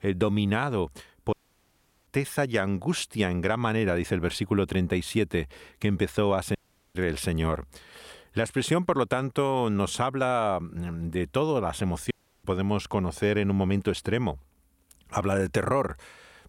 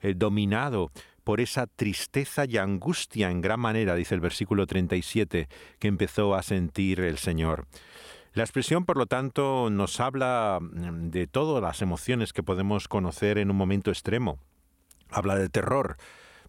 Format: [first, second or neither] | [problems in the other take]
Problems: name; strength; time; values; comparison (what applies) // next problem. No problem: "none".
second | audio cutting out; at 1.5 s for 0.5 s, at 6.5 s and at 12 s